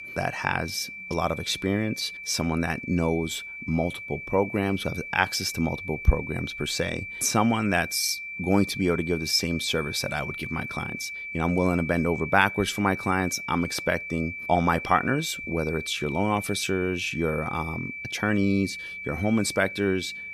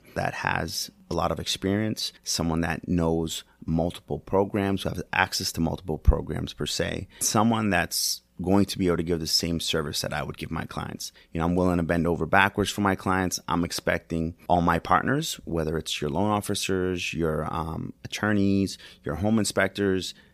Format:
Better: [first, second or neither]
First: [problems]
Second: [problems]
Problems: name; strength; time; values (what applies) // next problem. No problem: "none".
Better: second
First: high-pitched whine; loud; throughout; 2.5 kHz, 8 dB below the speech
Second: none